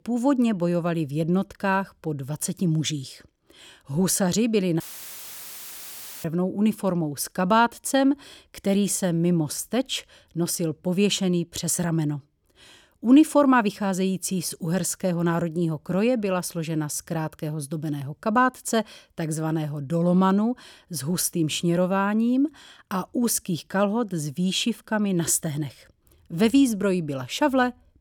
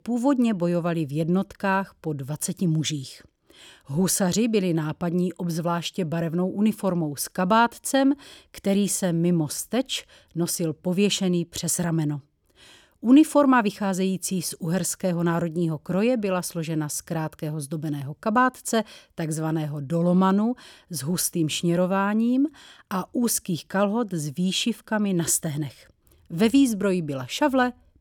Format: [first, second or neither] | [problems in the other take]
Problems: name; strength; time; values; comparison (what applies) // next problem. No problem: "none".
second | audio cutting out; filled with static; at 5 s for 1.5 s